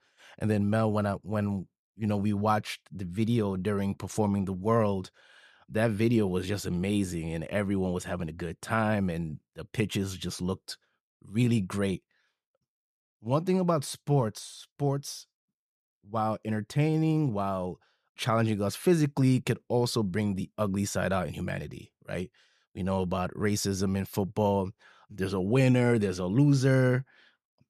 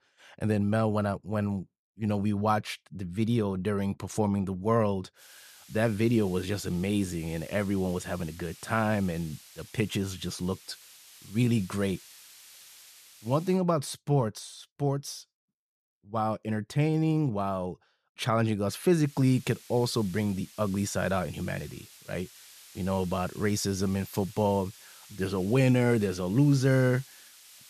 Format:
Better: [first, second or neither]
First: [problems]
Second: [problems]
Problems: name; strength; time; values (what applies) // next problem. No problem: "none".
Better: first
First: none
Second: hiss; faint; from 5 to 14 s and from 19 s on; 20 dB below the speech